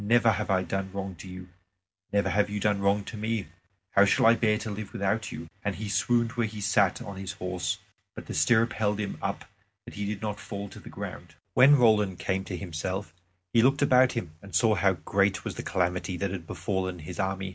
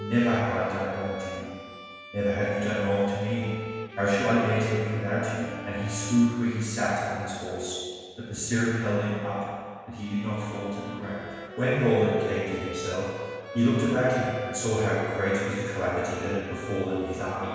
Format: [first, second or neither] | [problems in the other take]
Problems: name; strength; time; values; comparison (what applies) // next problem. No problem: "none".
first | background sound (Bowed string instrument); 13 dB below the speech // room echo; dies away in 1.9 s